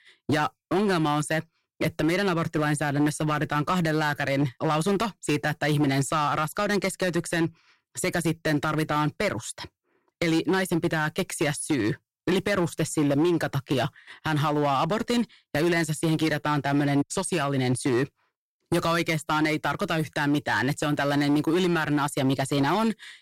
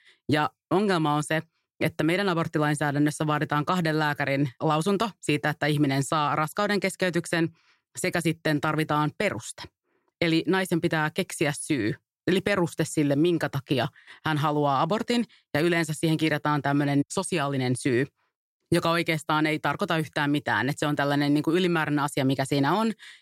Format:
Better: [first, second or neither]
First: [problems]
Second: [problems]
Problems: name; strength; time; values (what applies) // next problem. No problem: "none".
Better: second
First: distortion; slight; 9% of the sound clipped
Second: none